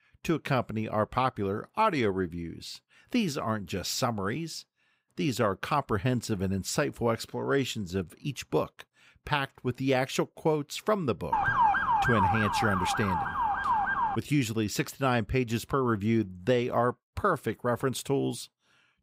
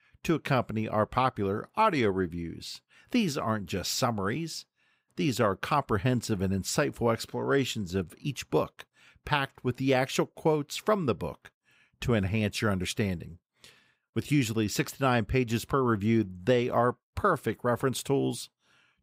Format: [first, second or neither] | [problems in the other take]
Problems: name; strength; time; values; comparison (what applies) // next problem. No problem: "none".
second | siren; loud; from 11 to 14 s; peak 6 dB above the speech